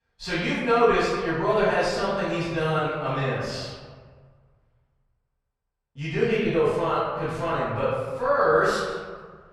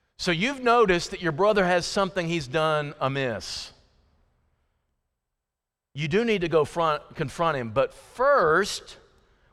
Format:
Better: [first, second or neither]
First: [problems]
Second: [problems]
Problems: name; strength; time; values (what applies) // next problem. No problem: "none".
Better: second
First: room echo; strong; dies away in 1.4 s // off-mic speech; far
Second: none